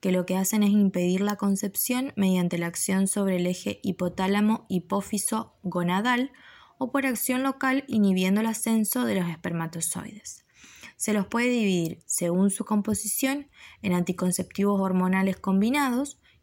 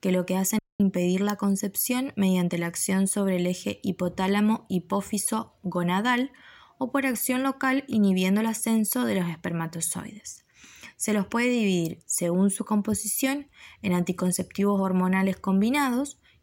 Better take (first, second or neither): first